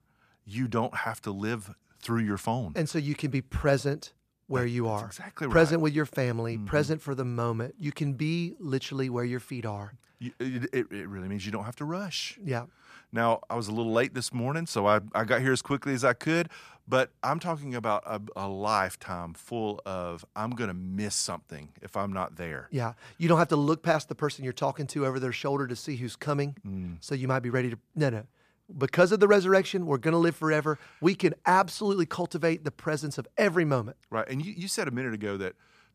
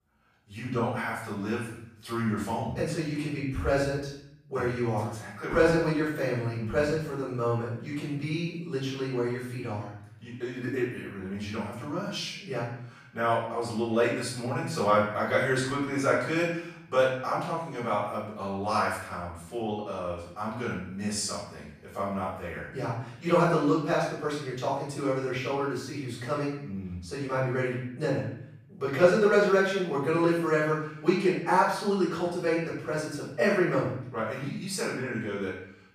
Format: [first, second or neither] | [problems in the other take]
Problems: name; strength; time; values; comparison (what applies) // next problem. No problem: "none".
first | off-mic speech; far // room echo; noticeable; dies away in 0.6 s